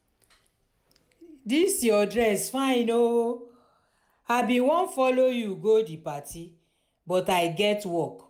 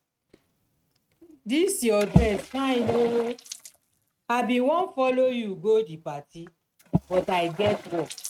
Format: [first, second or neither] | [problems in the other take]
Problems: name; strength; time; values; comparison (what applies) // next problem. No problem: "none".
first | noise reduction (neural mask model RNNoise)